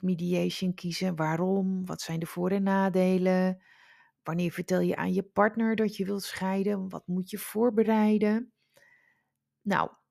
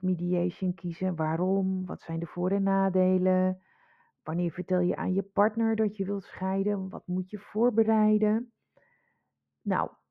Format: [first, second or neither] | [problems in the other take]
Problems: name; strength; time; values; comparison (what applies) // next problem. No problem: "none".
first | muffled; very; fading above 3.5 kHz